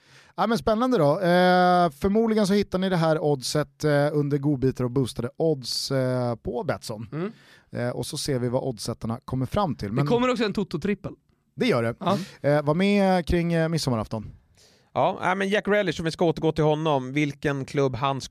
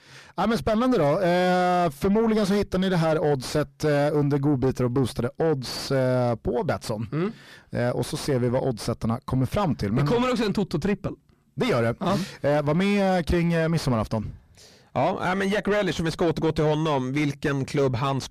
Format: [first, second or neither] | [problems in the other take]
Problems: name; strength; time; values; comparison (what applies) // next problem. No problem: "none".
first | distortion; heavy; 7 dB below the speech